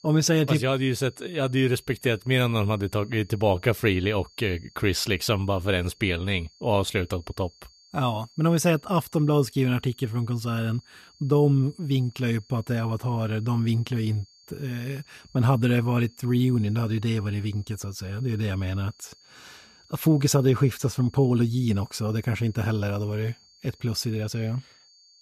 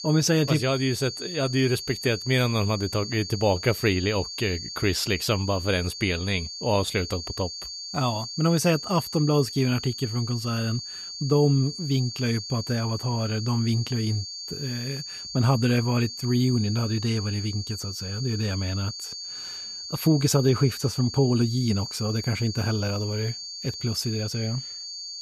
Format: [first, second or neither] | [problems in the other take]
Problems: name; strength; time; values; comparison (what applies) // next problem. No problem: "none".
first | high-pitched whine; loud; throughout; 4.5 kHz, 8 dB below the speech; faint in the first